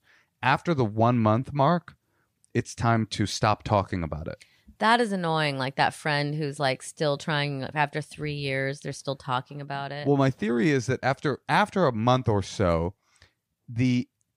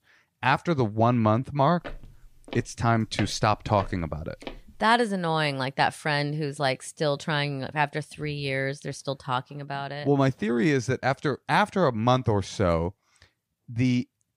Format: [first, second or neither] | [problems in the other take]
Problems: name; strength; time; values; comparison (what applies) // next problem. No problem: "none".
first | footsteps; faint; from 2 to 5 s; peak 10 dB below the speech